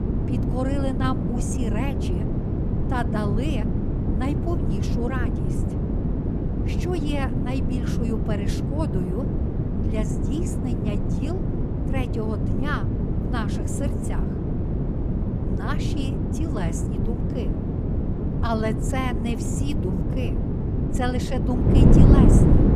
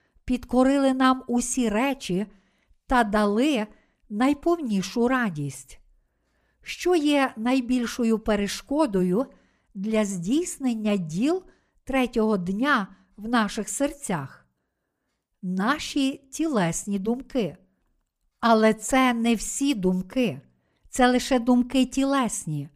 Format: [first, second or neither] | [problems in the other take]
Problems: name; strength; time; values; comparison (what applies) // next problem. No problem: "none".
second | wind noise on the microphone; heavy; as loud as the speech